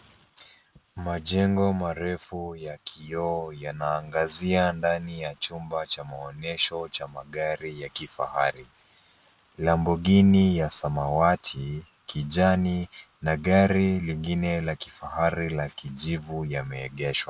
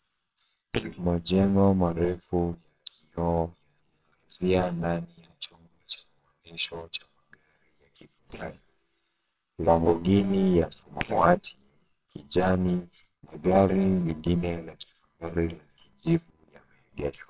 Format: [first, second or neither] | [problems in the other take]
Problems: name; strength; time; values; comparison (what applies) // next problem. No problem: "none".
first | noise reduction (neural separator model SepFormer WHAMR!)